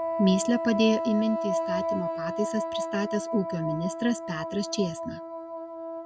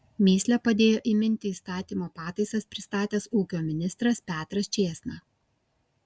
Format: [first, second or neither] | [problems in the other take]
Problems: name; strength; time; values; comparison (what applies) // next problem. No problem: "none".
second | background sound (Wind instrument, woodwind instrument); 3 dB below the speech